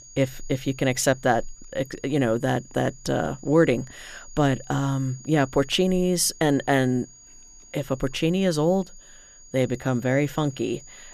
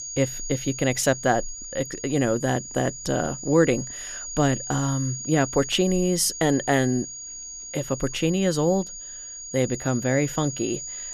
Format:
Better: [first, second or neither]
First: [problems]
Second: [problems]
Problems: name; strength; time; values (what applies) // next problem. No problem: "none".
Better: first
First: high-pitched whine; faint; throughout; 6.5 kHz, 20 dB below the speech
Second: high-pitched whine; loud; throughout; 6.5 kHz, 9 dB below the speech